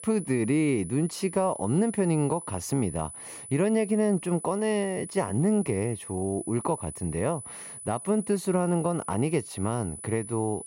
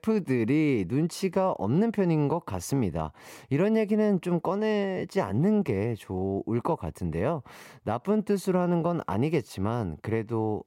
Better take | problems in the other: second | high-pitched whine; noticeable; throughout; 10 kHz, 10 dB below the speech

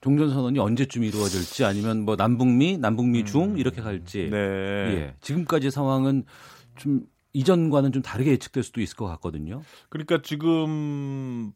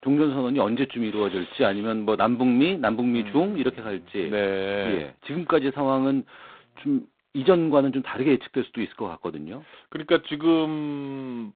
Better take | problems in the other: first | phone-call audio; poor line; nothing above 4 kHz

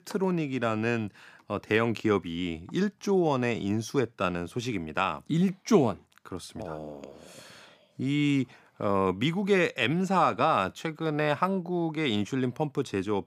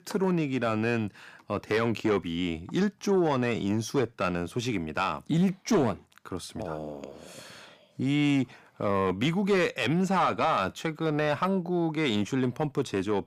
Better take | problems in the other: first | distortion; slight; 10 dB below the speech

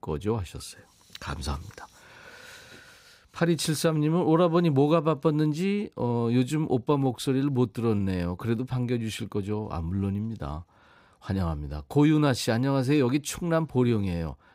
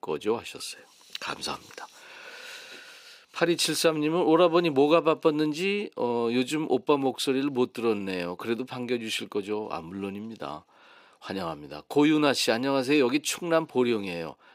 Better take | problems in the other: first | thin; somewhat; fading below 350 Hz

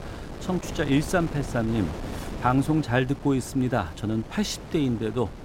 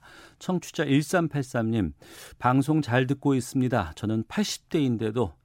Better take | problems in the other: second | wind noise on the microphone; occasional gusts; 10 dB below the speech

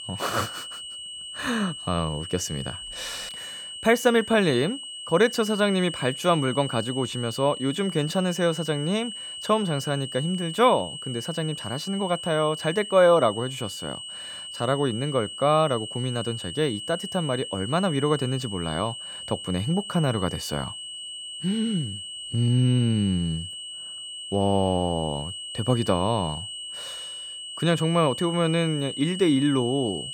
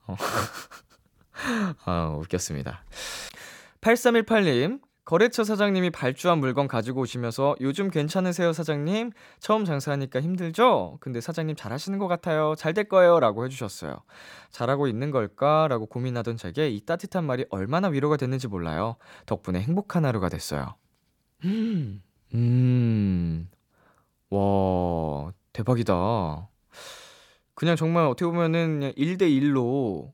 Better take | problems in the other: second | high-pitched whine; loud; throughout; 3 kHz, 9 dB below the speech

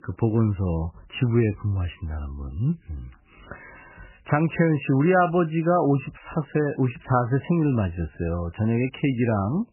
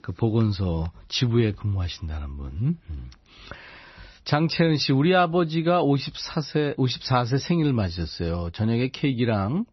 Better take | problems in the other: second | garbled, watery; badly; nothing above 3 kHz; slightly in the second

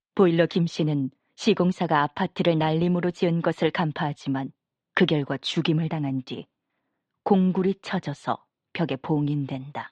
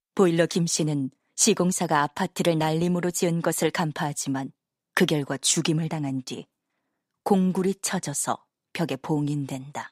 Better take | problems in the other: second | muffled; slightly; fading above 3.5 kHz

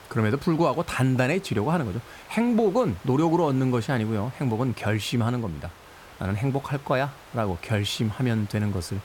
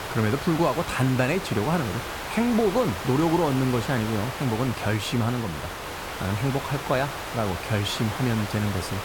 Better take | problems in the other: first | hiss; loud; throughout; 7 dB below the speech; faint in the first

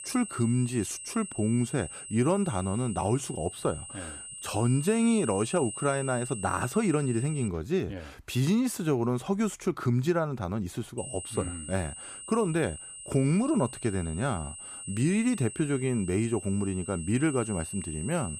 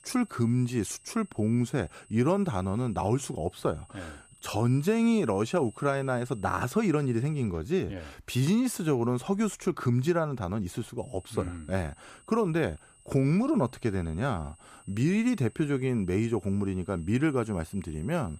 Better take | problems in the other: second | high-pitched whine; loud; until 7.5 s and from 11 s on; 8.5 kHz, 10 dB below the speech; faint in the second

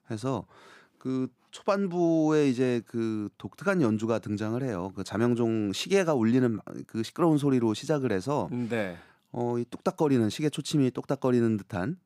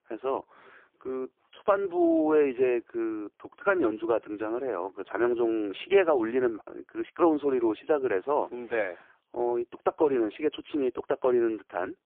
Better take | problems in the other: first | phone-call audio; poor line

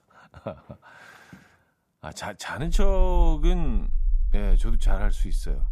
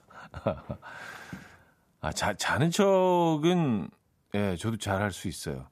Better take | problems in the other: second | low rumble; faint; from 2.5 s on; 20 dB below the speech

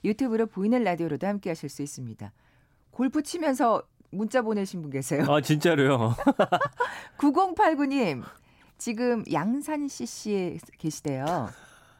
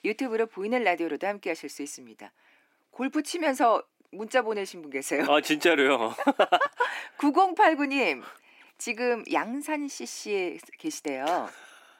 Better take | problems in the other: first | thin; very slightly; fading below 300 Hz

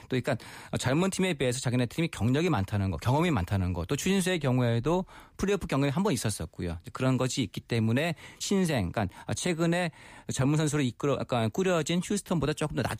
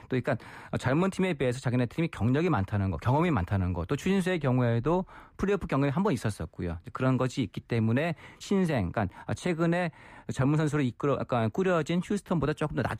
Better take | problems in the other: first | muffled; slightly; fading above 3 kHz

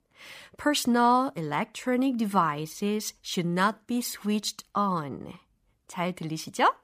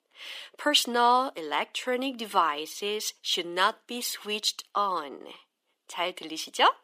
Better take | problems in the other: first | thin; somewhat; fading below 350 Hz

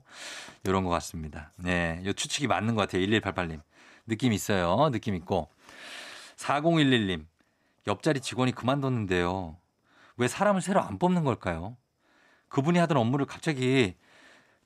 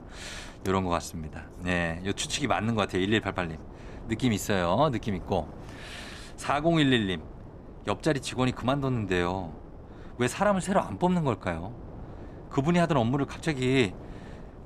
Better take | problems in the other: first | wind noise on the microphone; occasional gusts; 20 dB below the speech

